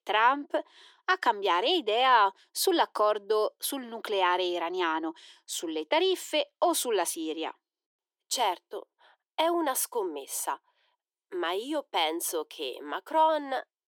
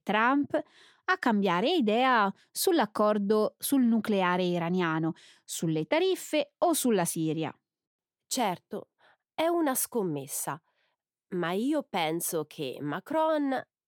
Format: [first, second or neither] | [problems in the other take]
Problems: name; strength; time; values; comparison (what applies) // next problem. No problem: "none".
second | thin; very; fading below 350 Hz